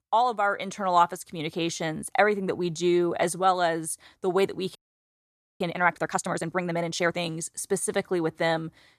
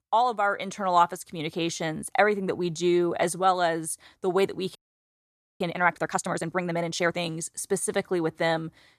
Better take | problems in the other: neither | audio freezing; at 5 s for 1 s; the same in both

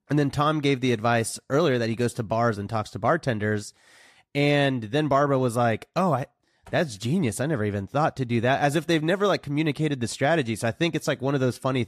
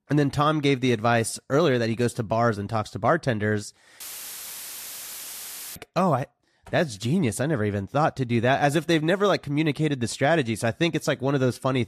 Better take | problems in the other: first | audio cutting out; filled with static; at 4 s for 2 s

